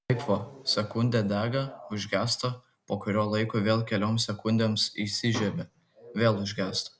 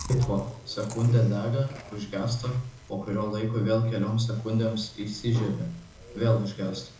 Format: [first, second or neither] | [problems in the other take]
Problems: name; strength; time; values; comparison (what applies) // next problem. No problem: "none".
first | background sound (Chewing, mastication); 18 dB below the speech // room echo; dies away in 0.6 s